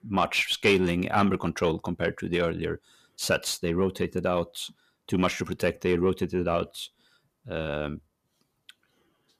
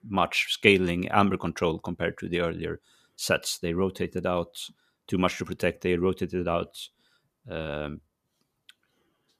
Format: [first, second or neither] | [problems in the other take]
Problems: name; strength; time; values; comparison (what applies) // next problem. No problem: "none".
second | distortion; slight; 10 dB below the speech